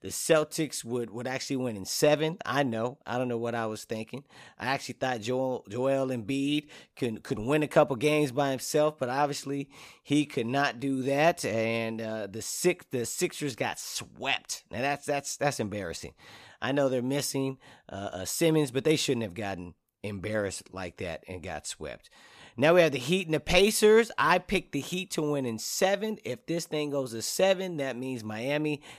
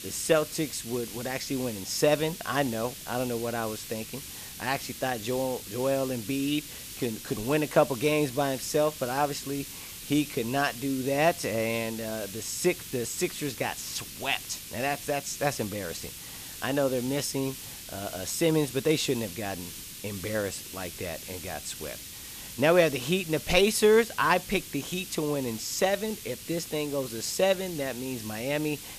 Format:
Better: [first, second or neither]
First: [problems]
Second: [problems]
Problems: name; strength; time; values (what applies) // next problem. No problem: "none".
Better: first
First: none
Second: hiss; noticeable; throughout; 10 dB below the speech